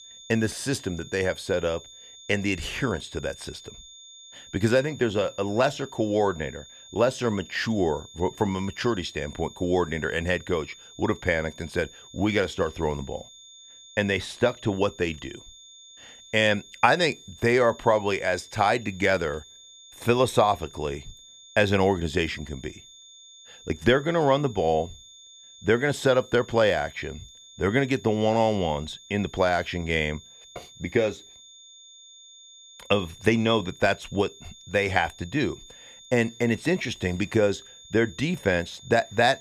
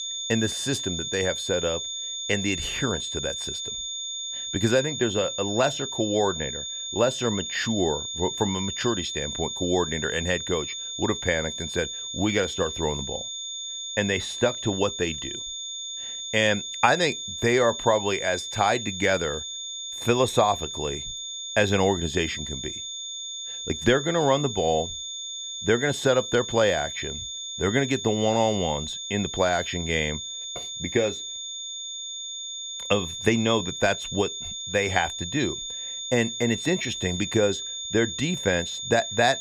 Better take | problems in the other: first | high-pitched whine; loud; throughout; 3.5 kHz, 5 dB below the speech; faint in the first

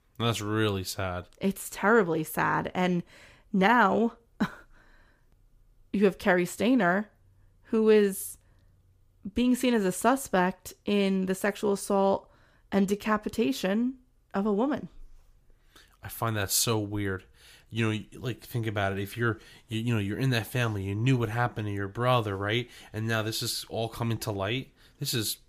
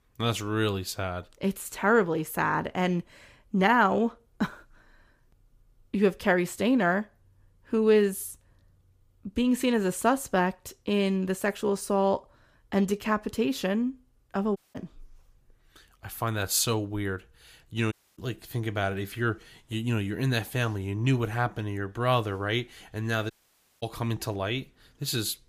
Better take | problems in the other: first | audio cutting out; at 15 s, at 18 s and at 23 s for 0.5 s

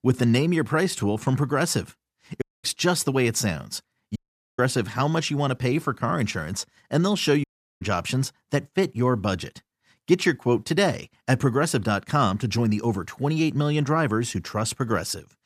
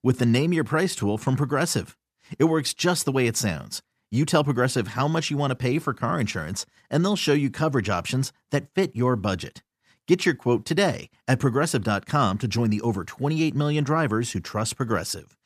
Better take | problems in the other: second | audio cutting out; at 2.5 s, at 4 s and at 7.5 s

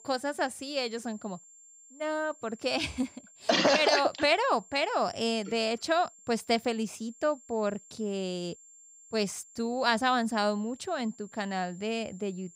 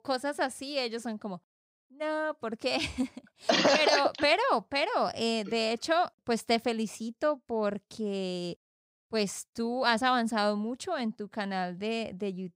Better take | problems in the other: second | high-pitched whine; faint; throughout; 7.5 kHz, 25 dB below the speech

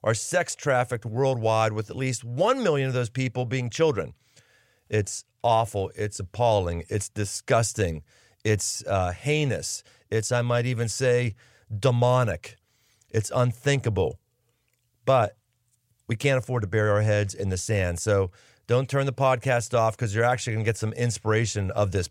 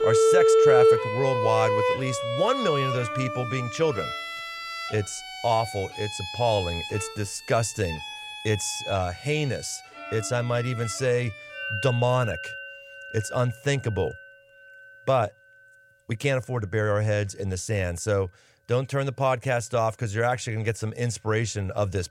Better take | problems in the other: first | background music; very loud; throughout; as loud as the speech

